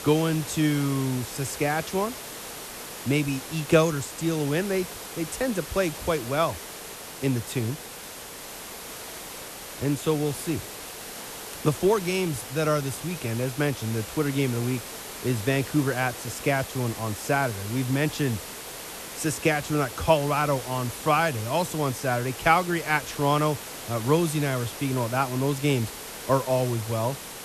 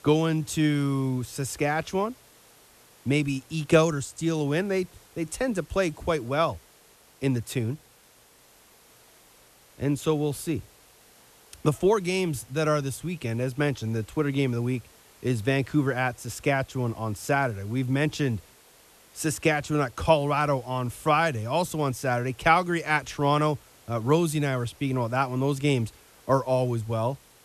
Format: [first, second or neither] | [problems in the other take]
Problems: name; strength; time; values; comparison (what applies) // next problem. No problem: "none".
second | hiss; loud; throughout; 10 dB below the speech; faint in the second